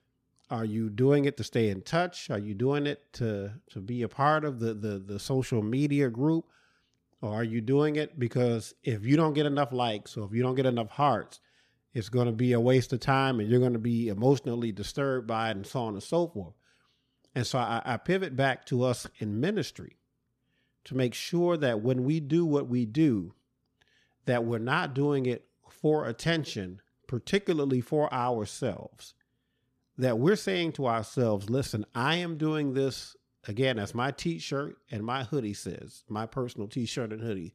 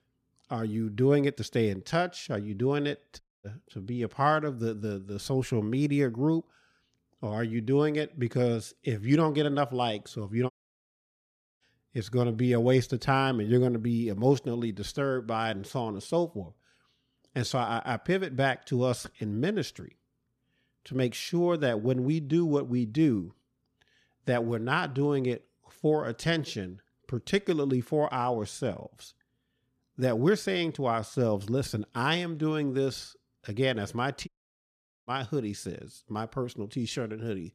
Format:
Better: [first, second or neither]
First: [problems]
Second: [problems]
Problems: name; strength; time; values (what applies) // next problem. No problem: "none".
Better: first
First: none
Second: audio cutting out; at 3 s, at 11 s for 1 s and at 34 s for 1 s